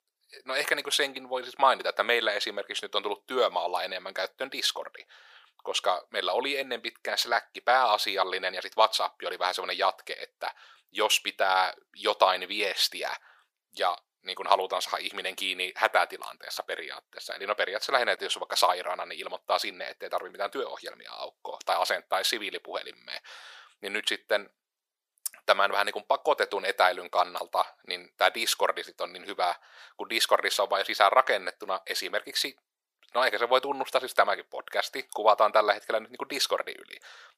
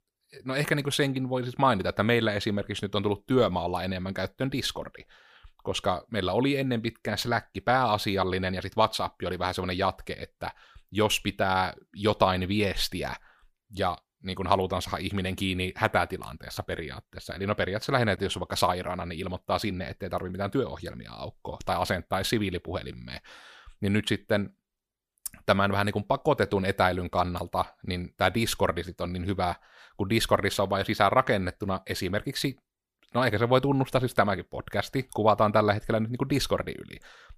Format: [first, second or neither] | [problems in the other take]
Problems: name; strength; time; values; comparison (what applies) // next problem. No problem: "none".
second | thin; very; fading below 500 Hz